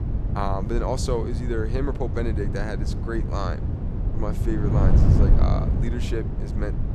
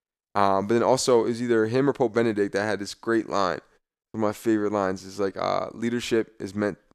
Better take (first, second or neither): second